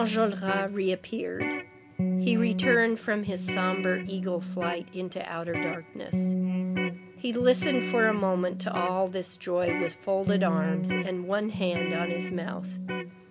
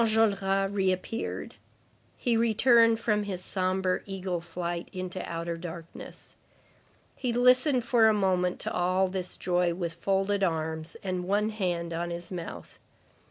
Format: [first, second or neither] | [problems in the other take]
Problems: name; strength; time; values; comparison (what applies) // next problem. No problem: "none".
second | background sound (Electric guitar); 2 dB below the speech